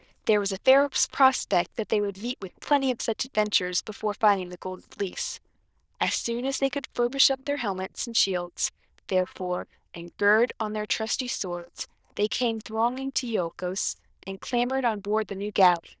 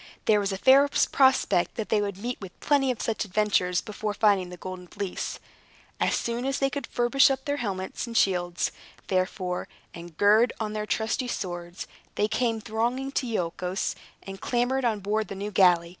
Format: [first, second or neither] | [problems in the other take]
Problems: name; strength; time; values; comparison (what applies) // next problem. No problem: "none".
second | noise reduction (neural diffusion model UNIVERSE++)